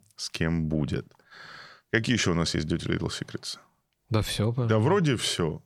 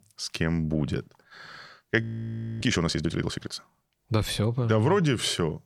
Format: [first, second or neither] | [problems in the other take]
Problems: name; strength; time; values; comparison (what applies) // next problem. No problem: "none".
first | audio freezing; at 2 s for 0.5 s